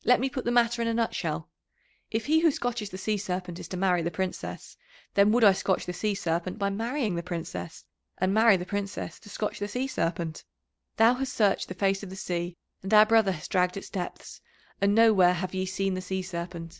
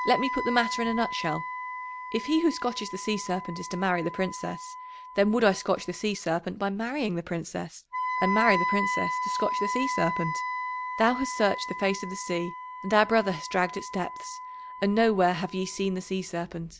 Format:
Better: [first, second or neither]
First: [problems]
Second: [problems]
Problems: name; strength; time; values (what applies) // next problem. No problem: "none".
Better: first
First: none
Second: background sound (Wind instrument, woodwind instrument); 6 dB below the speech